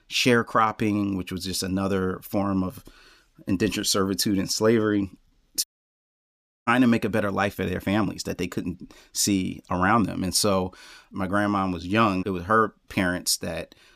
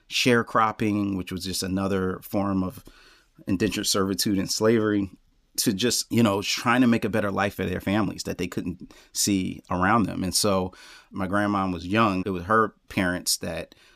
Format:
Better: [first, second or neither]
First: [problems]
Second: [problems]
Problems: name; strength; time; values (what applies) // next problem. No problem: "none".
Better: second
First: audio cutting out; at 5.5 s for 1 s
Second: none